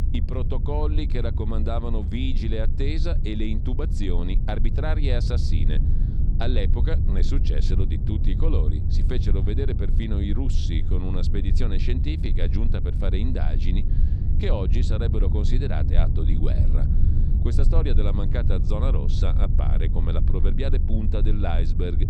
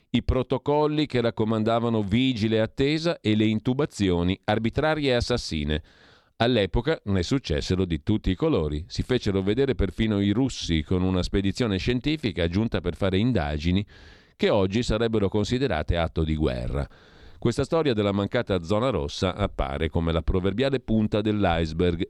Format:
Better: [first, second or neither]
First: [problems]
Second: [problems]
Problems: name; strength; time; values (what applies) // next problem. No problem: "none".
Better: second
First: low rumble; loud; throughout; 6 dB below the speech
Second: none